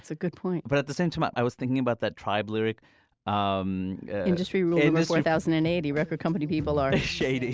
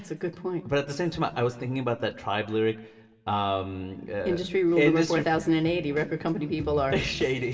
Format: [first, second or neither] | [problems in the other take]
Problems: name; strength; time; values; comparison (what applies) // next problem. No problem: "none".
first | room echo; dies away in 0.9 s